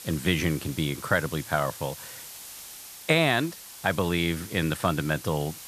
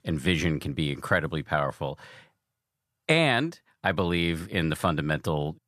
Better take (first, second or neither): second